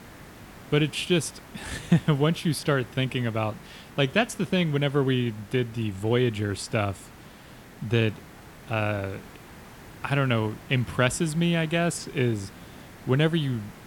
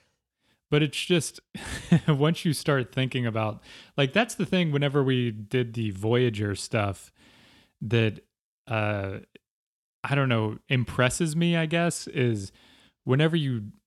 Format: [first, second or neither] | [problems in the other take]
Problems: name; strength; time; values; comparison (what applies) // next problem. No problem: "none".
second | hiss; faint; throughout; 20 dB below the speech